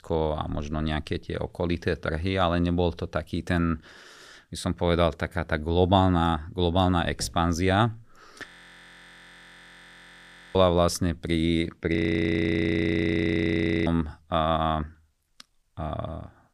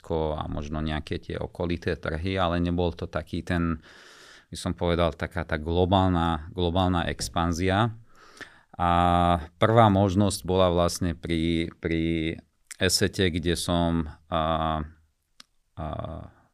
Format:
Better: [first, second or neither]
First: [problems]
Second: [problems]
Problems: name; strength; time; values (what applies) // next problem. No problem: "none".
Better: second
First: audio freezing; at 8.5 s for 2 s and at 12 s for 2 s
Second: none